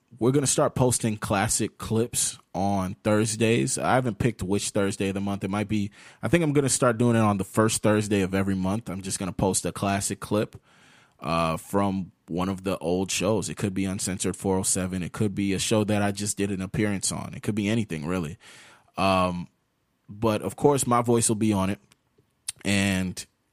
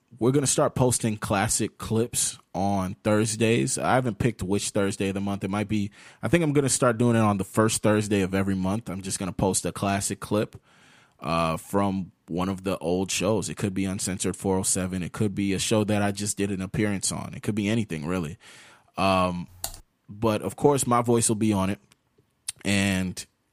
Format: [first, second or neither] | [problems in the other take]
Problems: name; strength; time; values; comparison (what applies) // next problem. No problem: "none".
first | keyboard typing; faint; at 20 s; peak 10 dB below the speech